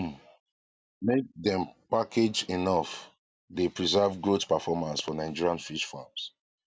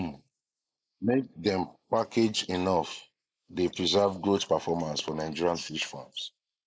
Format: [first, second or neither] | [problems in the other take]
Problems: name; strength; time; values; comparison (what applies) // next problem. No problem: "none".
first | noise reduction (neural mask model Resemble Enhance denoiser)